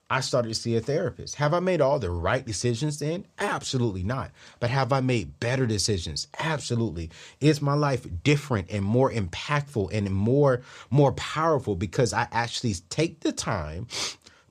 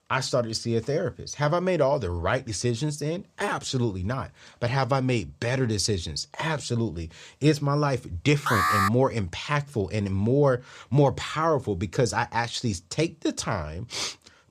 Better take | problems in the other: first | alarm; loud; at 8.5 s; peak 4 dB above the speech

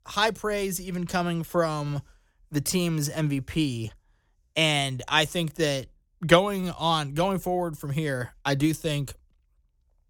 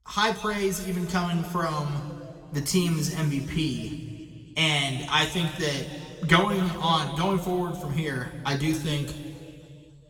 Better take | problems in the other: first | room echo; noticeable; dies away in 2 s // off-mic speech; somewhat distant

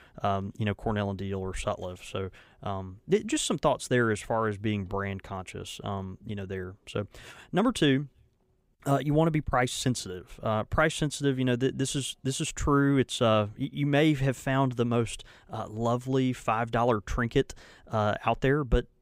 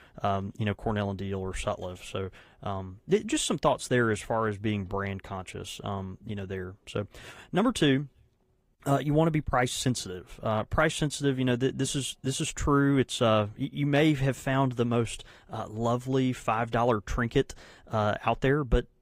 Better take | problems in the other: first | garbled, watery; slightly; nothing above 15.5 kHz

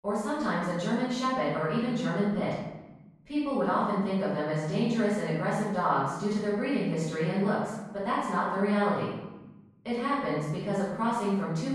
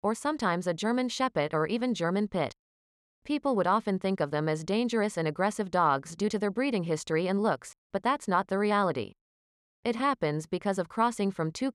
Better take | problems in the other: second | off-mic speech; far // room echo; strong; dies away in 1 s

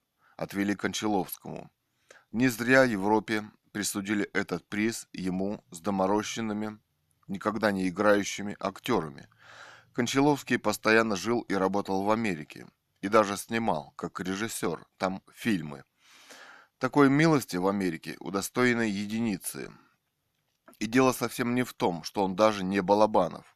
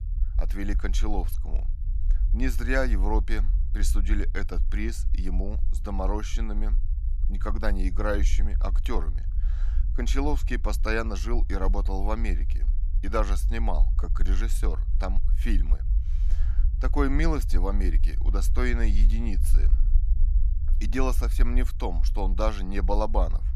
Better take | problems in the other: first | low rumble; noticeable; throughout; 15 dB below the speech

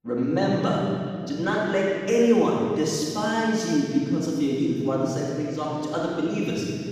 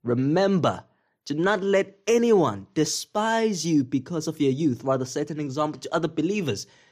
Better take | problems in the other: second | room echo; strong; dies away in 2.1 s // off-mic speech; far

